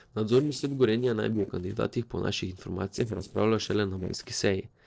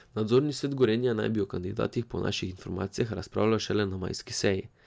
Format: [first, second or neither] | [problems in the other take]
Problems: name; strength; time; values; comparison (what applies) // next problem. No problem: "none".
second | noise reduction (neural separator model SepFormer DNS4)